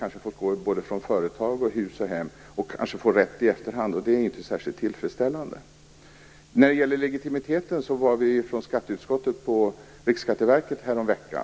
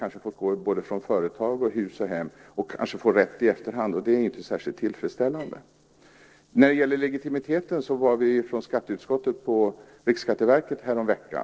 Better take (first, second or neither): first